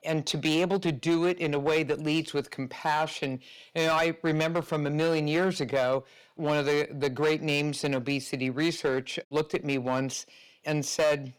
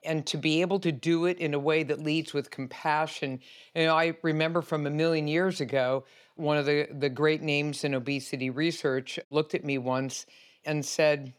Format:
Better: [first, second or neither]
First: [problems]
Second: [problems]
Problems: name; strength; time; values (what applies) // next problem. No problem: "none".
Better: second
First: distortion; slight; 6% of the sound clipped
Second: none